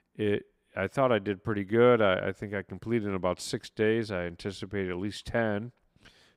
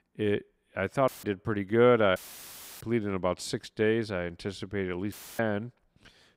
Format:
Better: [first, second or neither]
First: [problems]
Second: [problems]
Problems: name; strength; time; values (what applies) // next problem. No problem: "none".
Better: first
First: none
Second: audio cutting out; filled with static; at 1 s, at 2 s for 0.5 s and at 5 s